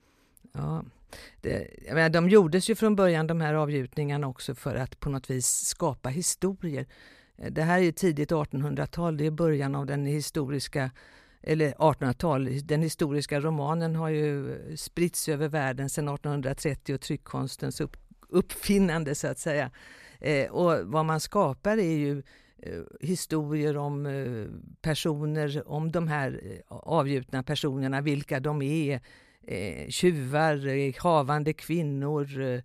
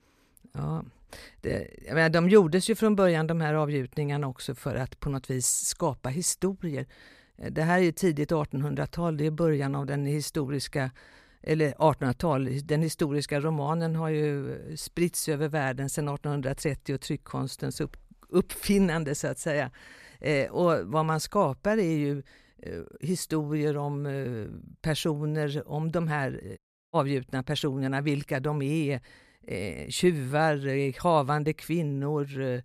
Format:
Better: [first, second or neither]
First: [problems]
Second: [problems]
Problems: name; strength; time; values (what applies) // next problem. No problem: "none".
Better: first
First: none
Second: audio cutting out; at 27 s